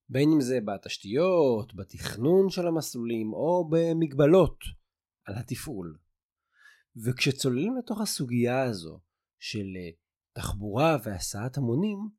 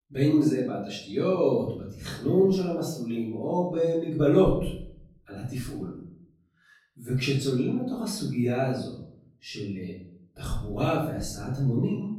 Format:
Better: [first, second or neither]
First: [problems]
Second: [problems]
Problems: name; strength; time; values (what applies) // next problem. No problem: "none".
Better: first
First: none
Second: off-mic speech; far // room echo; noticeable; dies away in 0.7 s